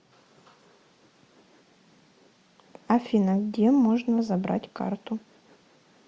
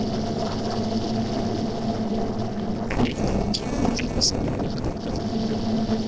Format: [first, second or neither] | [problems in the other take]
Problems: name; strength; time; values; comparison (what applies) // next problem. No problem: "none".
first | noise reduction (neural separator model SepFormer DNS4)